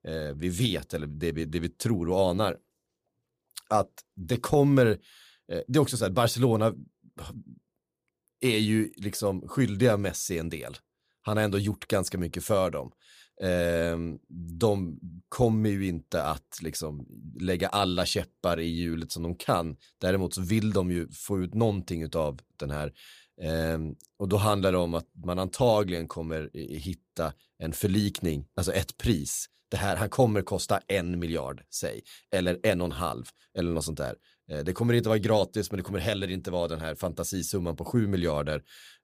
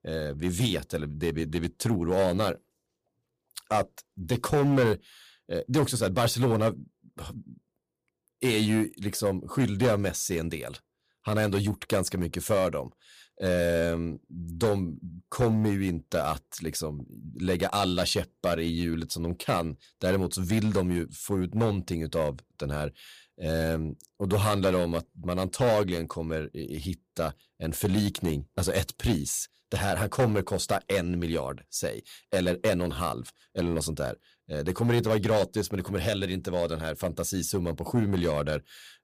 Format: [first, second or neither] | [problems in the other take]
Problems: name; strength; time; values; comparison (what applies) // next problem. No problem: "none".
first | distortion; slight; 4% of the sound clipped